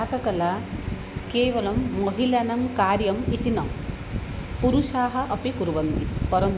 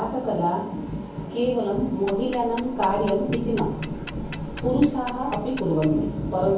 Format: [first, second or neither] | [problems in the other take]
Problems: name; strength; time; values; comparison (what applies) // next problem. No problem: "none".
first | background sound (Tick-tock); 15 dB below the speech // room echo; dies away in 0.6 s